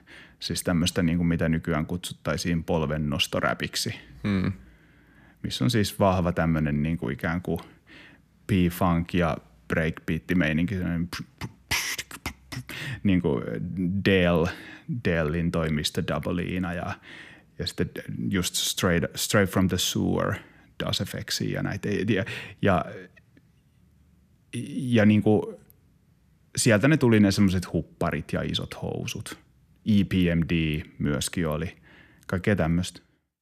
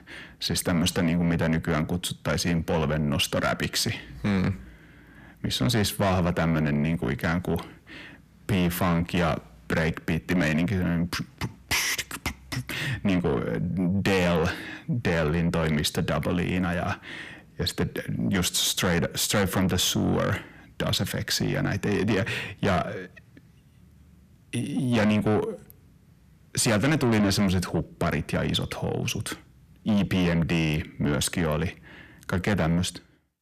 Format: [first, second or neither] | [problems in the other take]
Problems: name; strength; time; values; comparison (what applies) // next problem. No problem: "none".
first | distortion; heavy; 8 dB below the speech